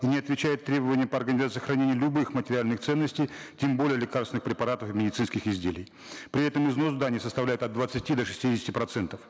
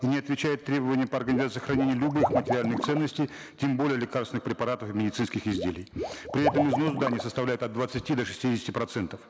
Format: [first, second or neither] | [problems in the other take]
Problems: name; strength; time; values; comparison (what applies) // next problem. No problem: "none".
first | background sound (Liquid); 6 dB below the speech